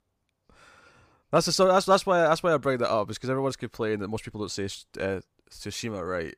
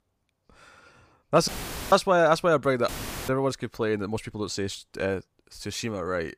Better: first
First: none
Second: audio cutting out; filled with static; at 1.5 s and at 3 s

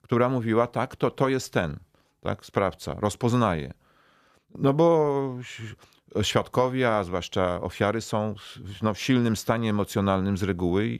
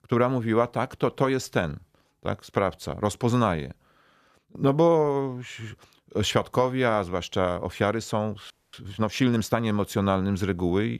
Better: first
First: none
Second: audio freezing; at 8.5 s

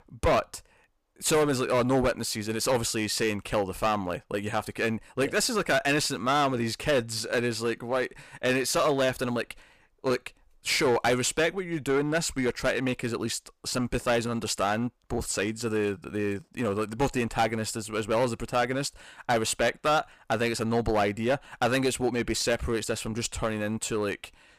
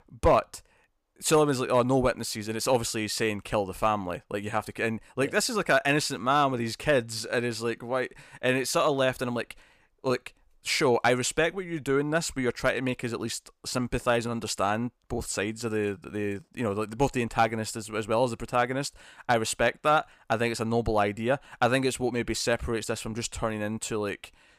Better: second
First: distortion; slight; 7% of the sound clipped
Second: none

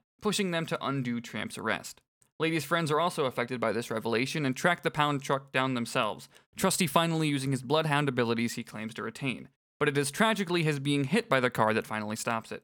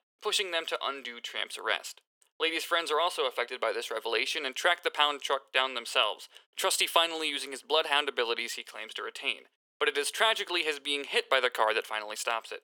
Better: first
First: none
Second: thin; very; fading below 400 Hz

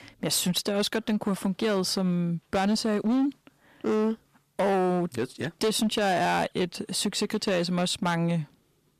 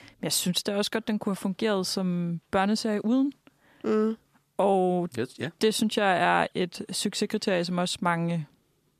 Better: second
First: distortion; slight; 10% of the sound clipped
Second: none

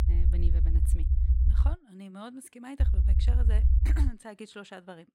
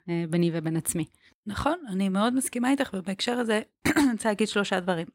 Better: second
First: low rumble; loud; until 1.5 s and from 3 to 4 s; 1 dB below the speech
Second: none

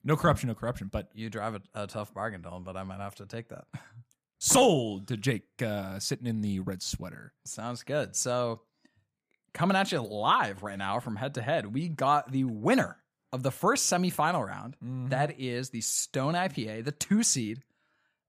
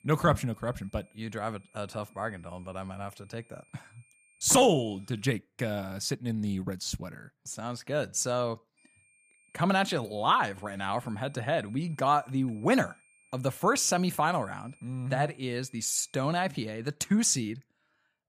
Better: first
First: none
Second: high-pitched whine; faint; until 5.5 s and from 9 to 17 s; 2.5 kHz, 30 dB below the speech

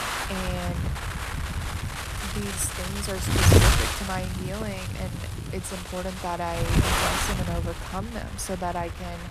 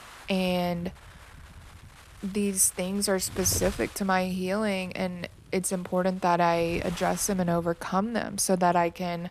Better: second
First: wind noise on the microphone; heavy; 5 dB above the speech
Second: wind noise on the microphone; occasional gusts; 20 dB below the speech

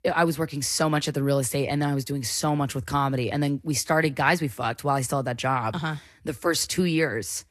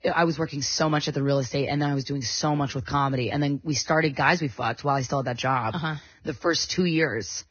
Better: first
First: garbled, watery; slightly; nothing above 12 kHz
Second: garbled, watery; badly; nothing above 6.5 kHz

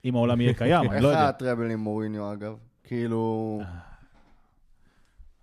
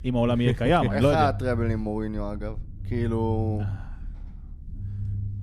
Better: first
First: none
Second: low rumble; faint; throughout; 20 dB below the speech

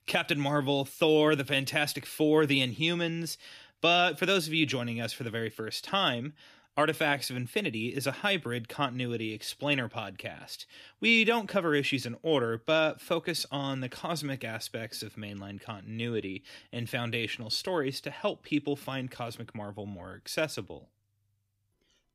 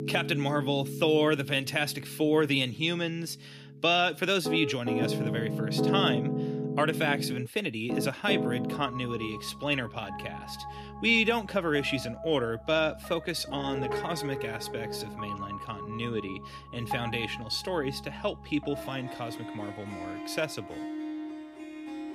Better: first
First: none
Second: background music; loud; throughout; 6 dB below the speech

